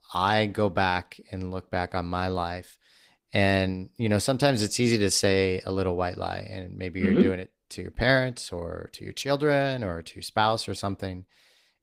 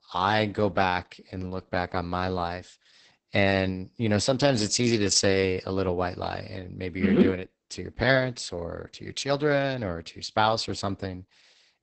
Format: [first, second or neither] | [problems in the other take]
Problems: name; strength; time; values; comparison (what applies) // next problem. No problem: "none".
first | garbled, watery; badly; nothing above 8 kHz; slightly in the first